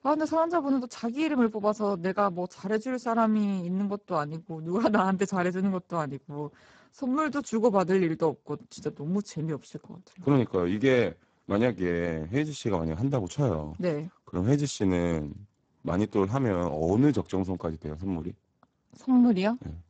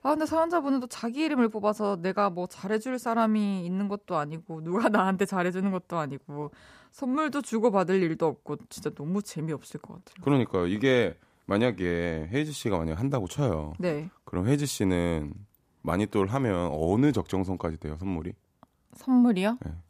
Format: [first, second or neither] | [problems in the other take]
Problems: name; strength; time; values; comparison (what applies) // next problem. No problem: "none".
second | garbled, watery; badly; nothing above 7.5 kHz